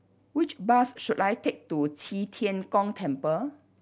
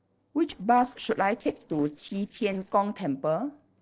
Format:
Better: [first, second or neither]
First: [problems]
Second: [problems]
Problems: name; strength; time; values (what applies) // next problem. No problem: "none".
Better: first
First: none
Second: noise reduction (neural separator model SepFormer DNS4)